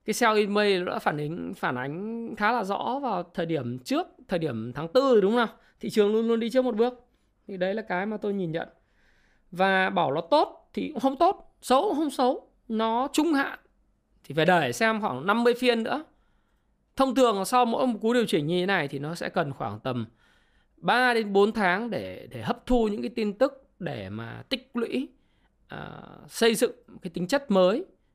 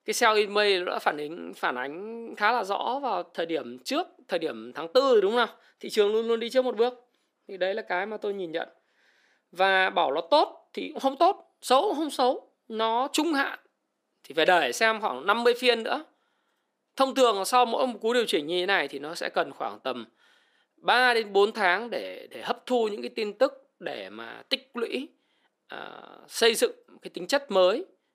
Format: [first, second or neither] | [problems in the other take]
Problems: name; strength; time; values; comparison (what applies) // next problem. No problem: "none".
first | thin; somewhat; fading below 300 Hz